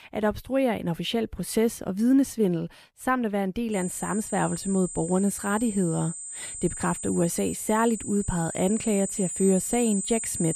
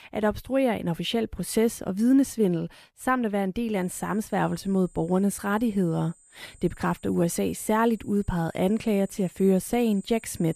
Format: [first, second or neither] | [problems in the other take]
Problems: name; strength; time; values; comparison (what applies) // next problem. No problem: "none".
second | high-pitched whine; loud; from 3.5 s on; 8 kHz, 7 dB below the speech; faint in the second